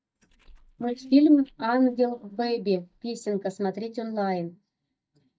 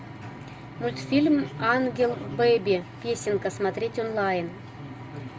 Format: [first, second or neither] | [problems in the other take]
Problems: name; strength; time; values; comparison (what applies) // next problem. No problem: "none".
second | noise reduction (neural mask model DeepFilterNet 3)